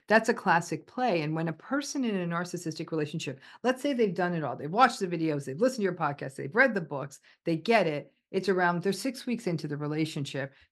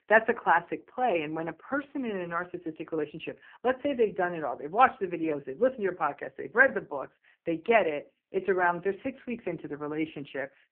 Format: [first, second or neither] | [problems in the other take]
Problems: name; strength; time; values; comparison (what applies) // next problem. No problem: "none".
first | phone-call audio; poor line